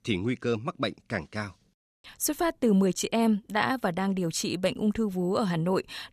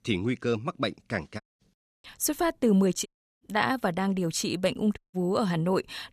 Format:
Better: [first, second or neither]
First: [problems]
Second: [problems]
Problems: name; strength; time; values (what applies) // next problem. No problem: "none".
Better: first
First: none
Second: audio cutting out; at 1.5 s, at 3 s and at 5 s